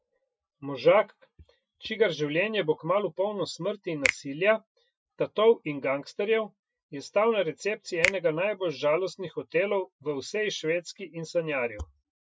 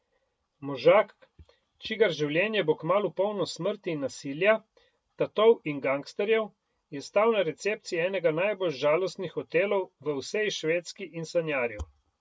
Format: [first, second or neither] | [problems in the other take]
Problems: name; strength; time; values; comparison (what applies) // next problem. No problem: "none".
second | noise reduction (classical method Wiener filter)